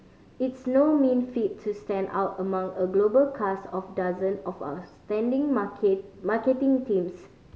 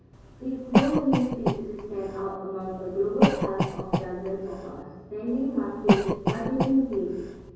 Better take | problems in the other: first | background sound (Cough); 1 dB above the speech // room echo; dies away in 1.3 s

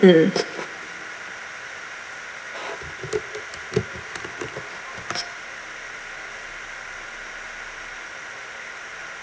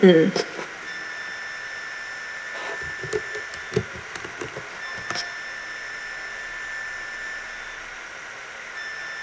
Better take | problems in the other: first | background sound (Wind instrument, woodwind instrument); 10 dB below the speech

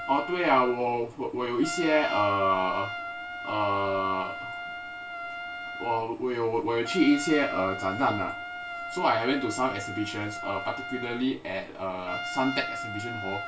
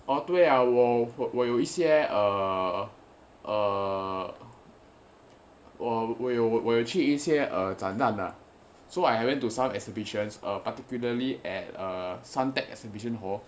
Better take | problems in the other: second | background sound (Trumpet); 8 dB below the speech // room echo; dies away in 0.2 s

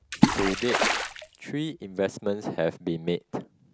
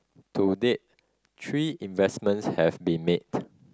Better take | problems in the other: second | background sound (Water / Splash, splatter); 4 dB above the speech

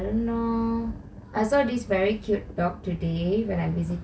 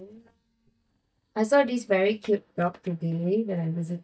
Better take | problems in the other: first | noise reduction (neural mask model DeepFilterNet 3)

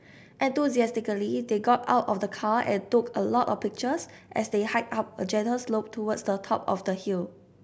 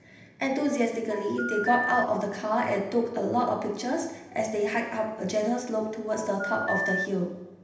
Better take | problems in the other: first | background sound (Telephone); 6 dB below the speech // room echo; dies away in 0.9 s

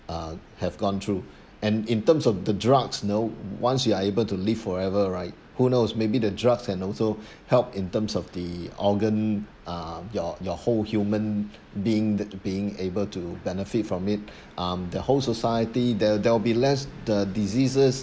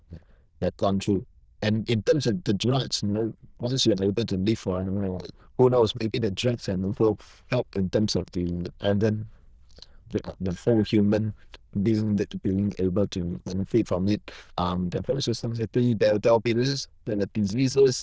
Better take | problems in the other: first | noise reduction (neural diffusion model UNIVERSE++)

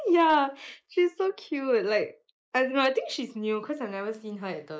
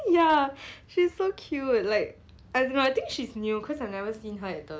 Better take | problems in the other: second | noise reduction (neural mask model Resemble Enhance denoiser)

